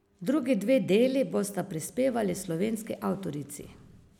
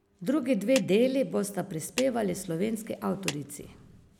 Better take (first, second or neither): first